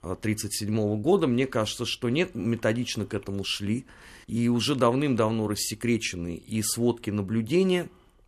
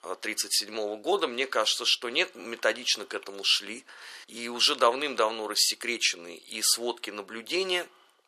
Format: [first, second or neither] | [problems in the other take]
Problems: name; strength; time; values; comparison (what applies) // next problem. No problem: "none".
first | thin; very; fading below 500 Hz